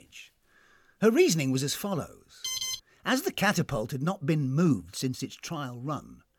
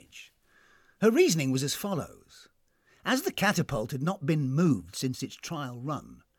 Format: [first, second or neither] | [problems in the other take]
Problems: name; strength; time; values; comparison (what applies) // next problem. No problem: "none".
second | alarm; noticeable; at 2.5 s; peak 2 dB below the speech